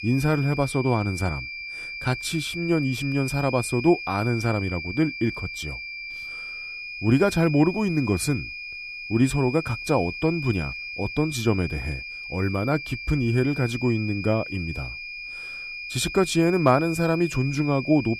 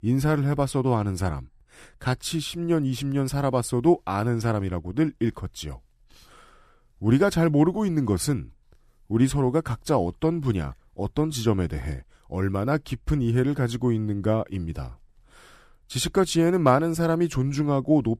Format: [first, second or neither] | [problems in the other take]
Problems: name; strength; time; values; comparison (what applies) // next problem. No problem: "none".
second | high-pitched whine; loud; throughout; 2.5 kHz, 8 dB below the speech